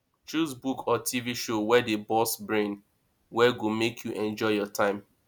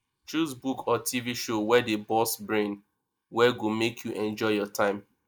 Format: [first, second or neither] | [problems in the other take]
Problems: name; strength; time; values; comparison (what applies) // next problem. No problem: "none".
first | noise reduction (neural mask model Resemble Enhance denoiser)